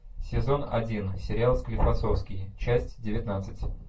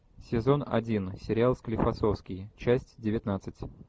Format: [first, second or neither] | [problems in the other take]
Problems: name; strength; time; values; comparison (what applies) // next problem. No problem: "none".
second | room echo; dies away in 0.2 s